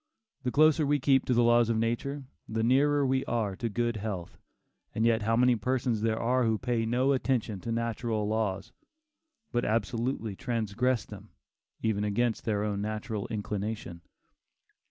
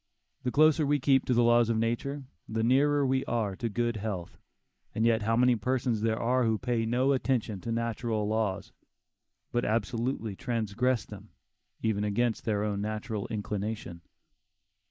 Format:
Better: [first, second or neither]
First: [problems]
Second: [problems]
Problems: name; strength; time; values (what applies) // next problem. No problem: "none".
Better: first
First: none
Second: noise reduction (neural mask model Resemble Enhance denoiser)